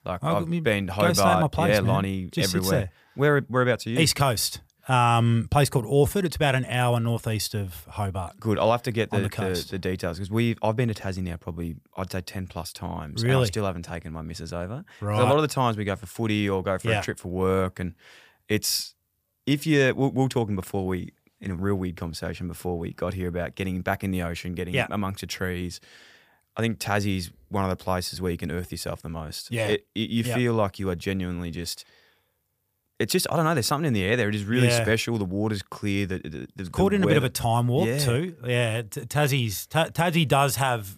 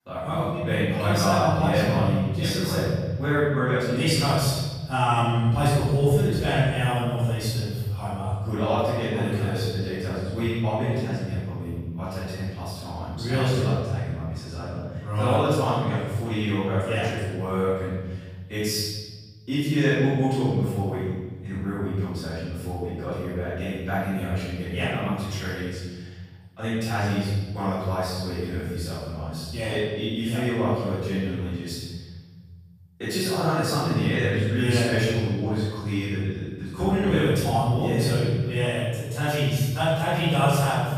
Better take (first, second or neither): first